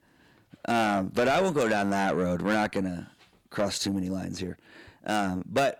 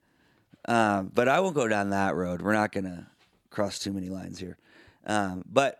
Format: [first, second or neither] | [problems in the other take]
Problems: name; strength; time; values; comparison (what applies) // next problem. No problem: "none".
second | distortion; heavy; 7 dB below the speech